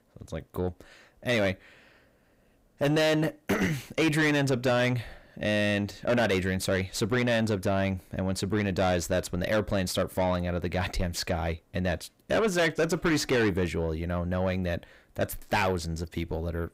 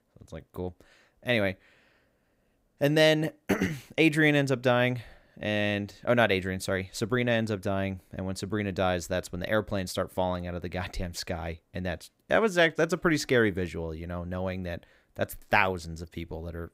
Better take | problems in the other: second | distortion; heavy; 6 dB below the speech

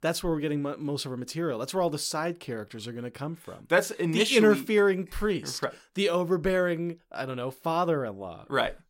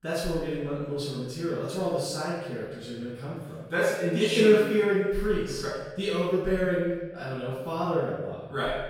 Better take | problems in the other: first | off-mic speech; far // room echo; strong; dies away in 1.1 s

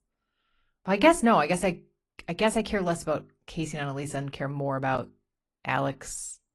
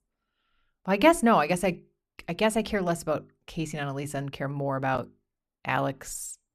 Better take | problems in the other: second | garbled, watery; slightly; nothing above 11 kHz

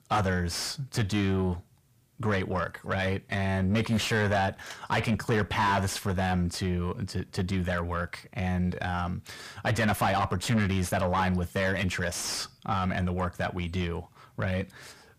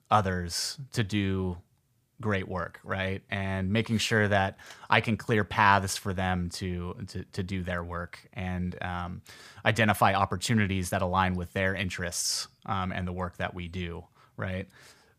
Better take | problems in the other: second | distortion; heavy; 5 dB below the speech

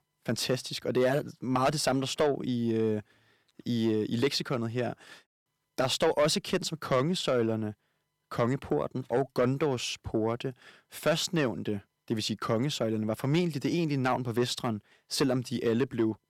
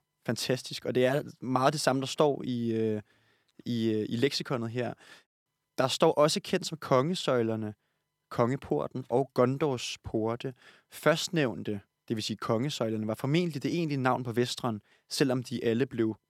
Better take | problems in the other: second | distortion; slight; 10 dB below the speech

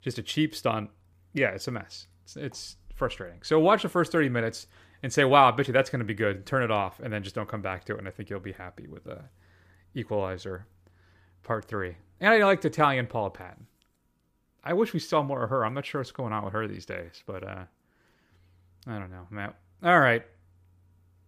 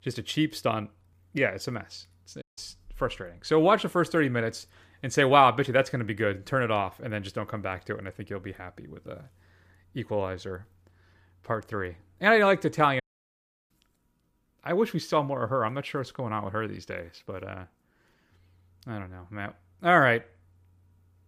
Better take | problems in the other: first | audio cutting out; at 2.5 s and at 13 s for 0.5 s

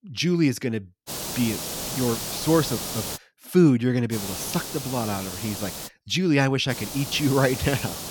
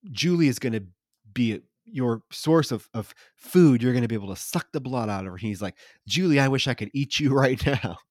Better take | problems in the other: second | hiss; loud; from 1 to 3 s, from 4 to 6 s and from 6.5 s on; 7 dB below the speech

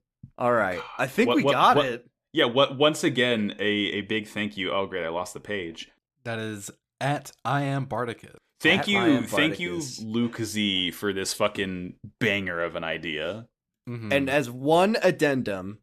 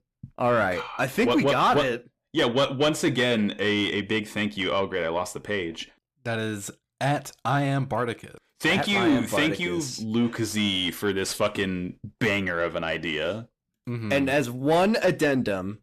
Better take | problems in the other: first | distortion; slight; 10 dB below the speech

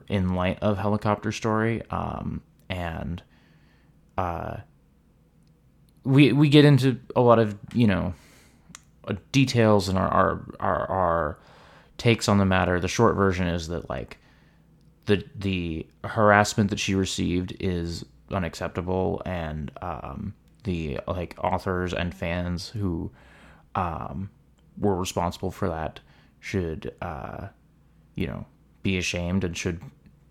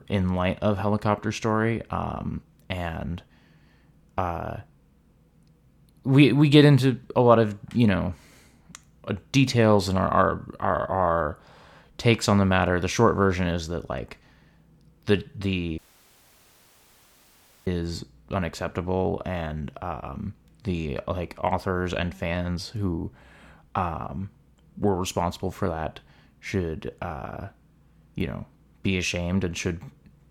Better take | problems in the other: first | audio cutting out; at 16 s for 2 s

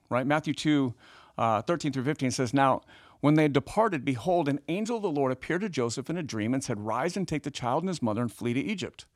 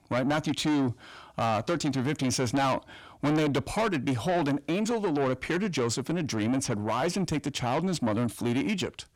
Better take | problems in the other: first | distortion; heavy; 7 dB below the speech

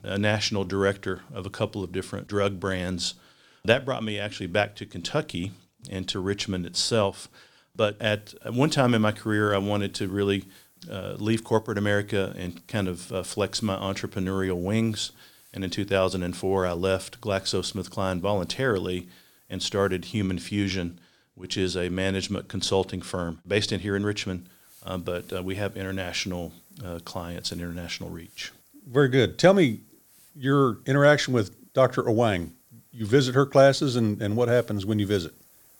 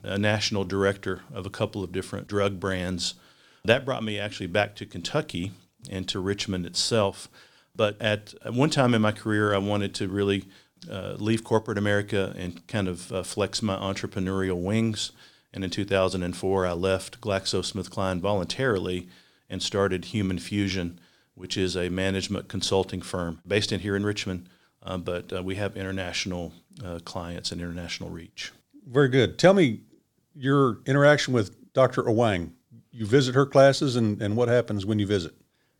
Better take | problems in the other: second | hiss; faint; from 8 to 20 s and from 24 s on; 30 dB below the speech

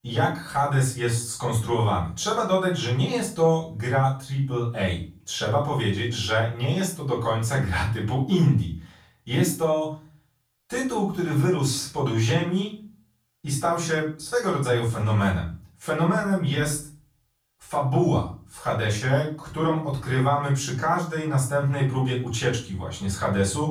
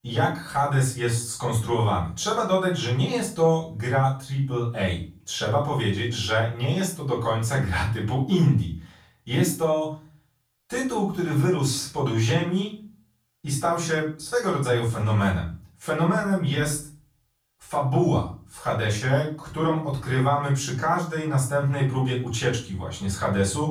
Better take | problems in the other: neither | off-mic speech; far; the same in both // room echo; slight; dies away in 0.3 s; the same in both

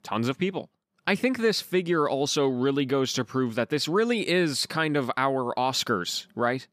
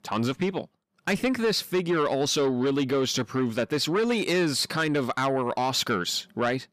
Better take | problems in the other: first | distortion; slight; 10 dB below the speech

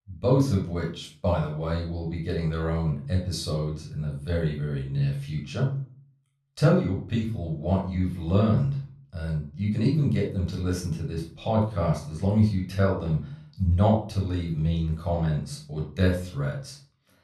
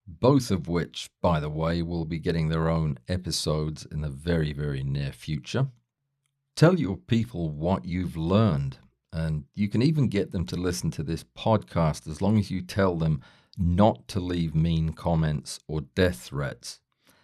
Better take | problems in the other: second | off-mic speech; far // room echo; slight; dies away in 0.4 s

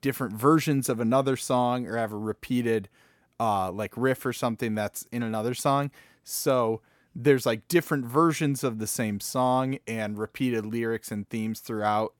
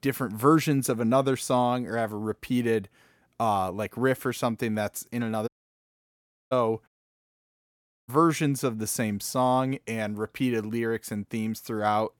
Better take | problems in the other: first | audio cutting out; at 5.5 s for 1 s and at 7 s for 1 s

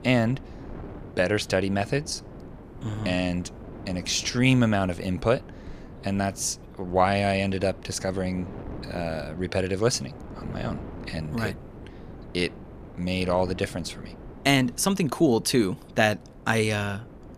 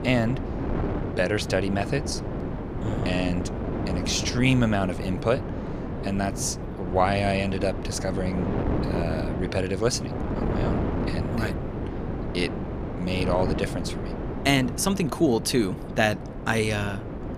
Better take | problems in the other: first | wind noise on the microphone; heavy; 7 dB below the speech; occasional gusts in the first

